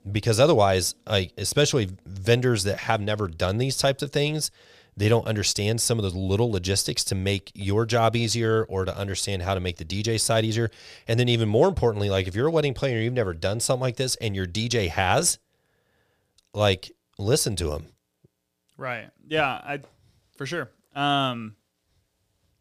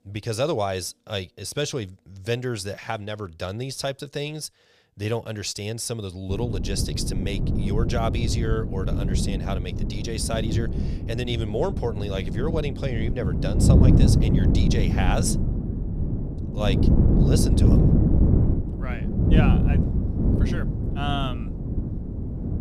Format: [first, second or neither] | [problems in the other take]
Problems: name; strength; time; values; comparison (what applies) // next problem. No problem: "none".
first | wind noise on the microphone; heavy; from 6.5 s on; 2 dB below the speech